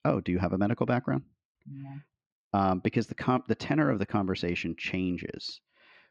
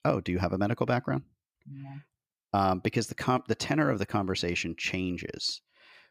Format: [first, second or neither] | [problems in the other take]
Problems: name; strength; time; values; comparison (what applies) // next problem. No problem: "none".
second | muffled; very slightly; fading above 3.5 kHz